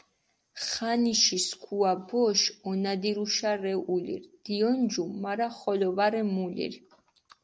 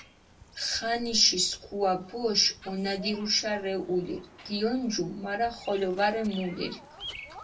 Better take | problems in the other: first | background sound (Bird vocalization, bird call, bird song); 19 dB below the speech // room echo; dies away in 0.1 s

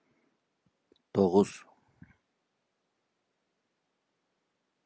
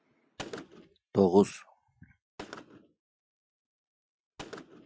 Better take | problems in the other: first | noise reduction (classical method Wiener filter)

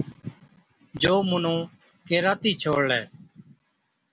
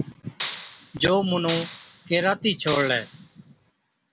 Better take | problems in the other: first | background sound (Clapping); 11 dB below the speech

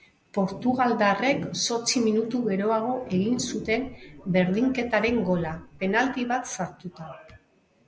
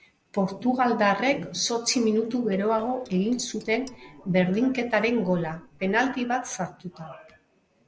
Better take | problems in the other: first | noise reduction (neural separator model SepFormer DNS4)

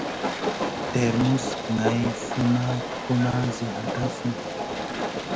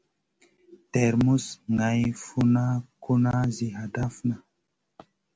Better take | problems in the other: second | background sound (Train); 3 dB below the speech

